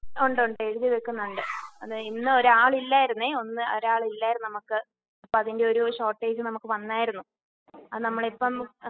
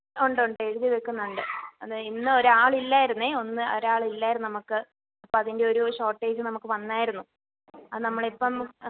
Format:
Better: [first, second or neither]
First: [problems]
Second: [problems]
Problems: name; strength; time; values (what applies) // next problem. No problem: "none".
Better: second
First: noise reduction (classical method spectral subtraction)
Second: none